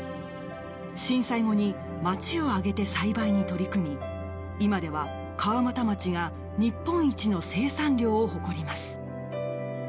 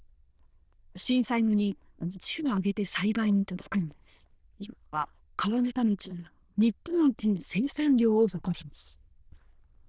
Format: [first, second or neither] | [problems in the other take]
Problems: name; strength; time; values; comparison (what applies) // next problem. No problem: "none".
first | noise reduction (neural diffusion model UNIVERSE++)